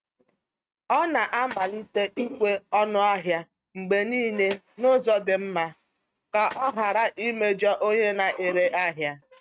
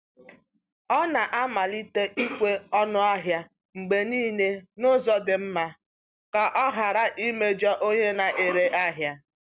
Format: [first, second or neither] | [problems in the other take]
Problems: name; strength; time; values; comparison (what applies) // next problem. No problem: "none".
second | noise reduction (neural mask model RNNoise)